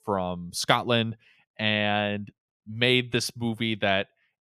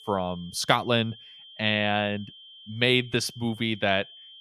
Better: first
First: none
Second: high-pitched whine; noticeable; throughout; 3 kHz, 20 dB below the speech

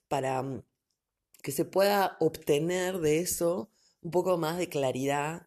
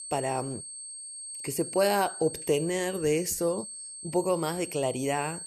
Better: first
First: none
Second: high-pitched whine; loud; throughout; 8.5 kHz, 9 dB below the speech

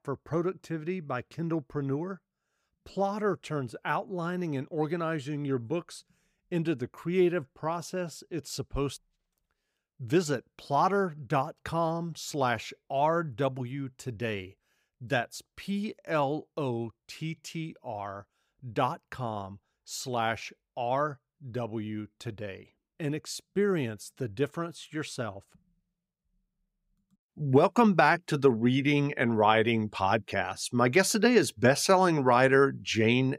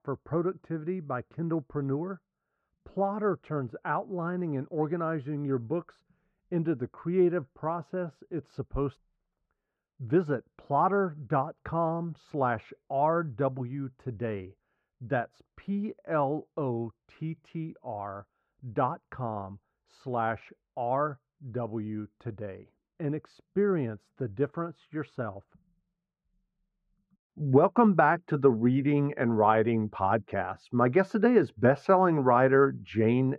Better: first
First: none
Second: muffled; very; fading above 3.5 kHz

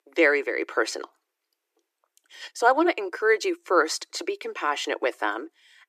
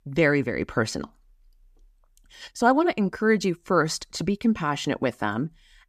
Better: second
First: thin; very; fading below 300 Hz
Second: none

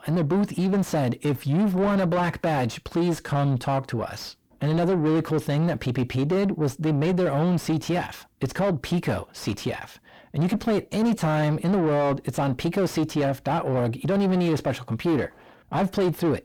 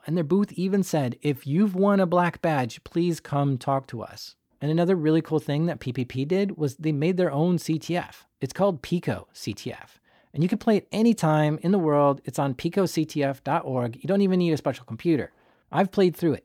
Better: second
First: distortion; heavy; 8 dB below the speech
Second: none

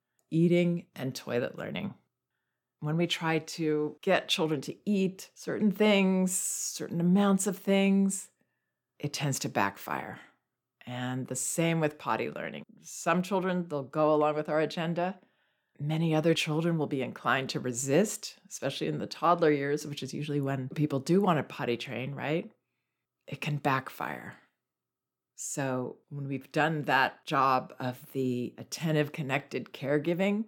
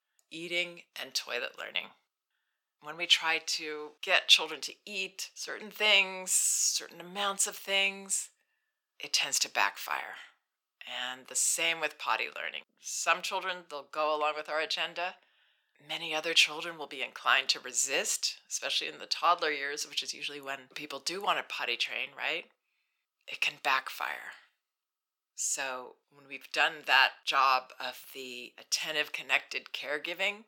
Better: first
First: none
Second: thin; very; fading below 900 Hz

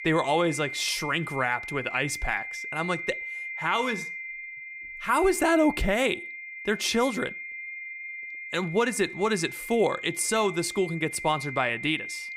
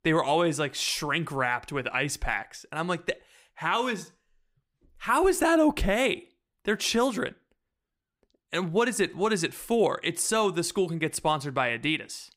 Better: second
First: high-pitched whine; loud; throughout; 2 kHz, 9 dB below the speech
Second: none

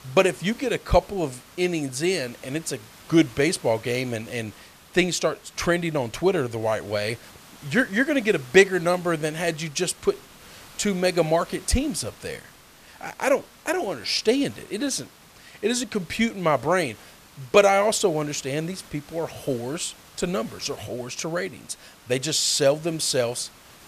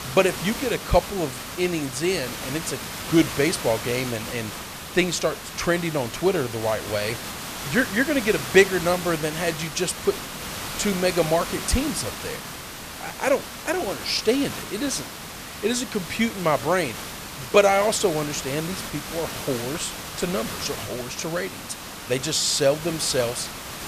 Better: first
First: hiss; faint; throughout; 25 dB below the speech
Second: hiss; loud; throughout; 8 dB below the speech

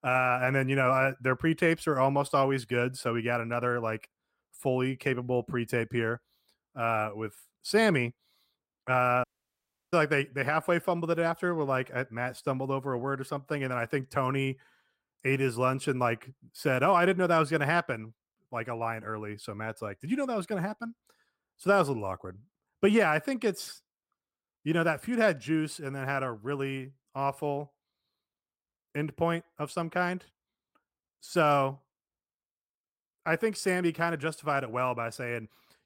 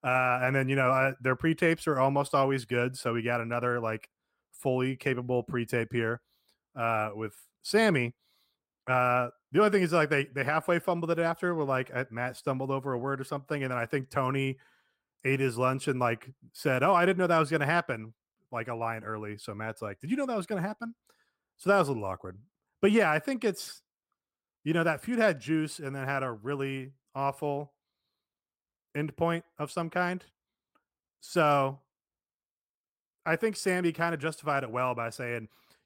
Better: second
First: audio cutting out; at 9 s for 0.5 s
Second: none

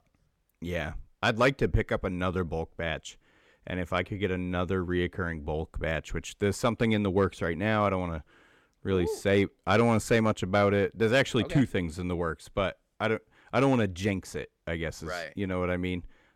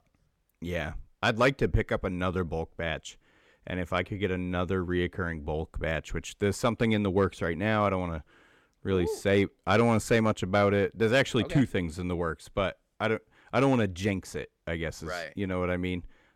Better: neither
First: none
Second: none

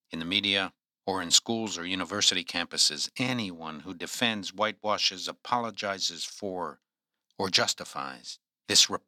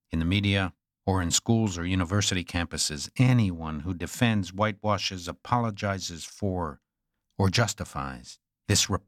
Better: second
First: thin; somewhat; fading below 300 Hz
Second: none

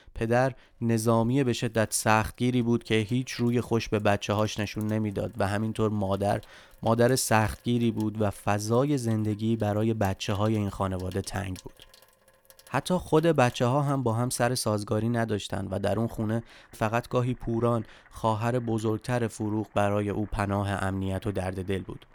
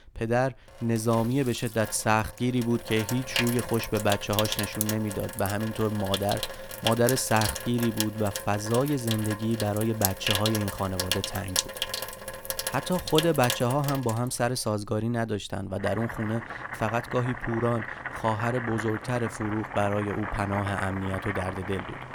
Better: first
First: household noises; faint; throughout; 30 dB below the speech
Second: household noises; loud; throughout; 5 dB below the speech

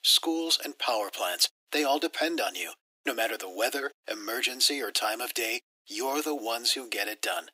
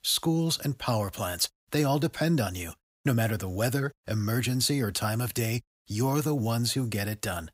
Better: second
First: thin; very; fading below 300 Hz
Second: none

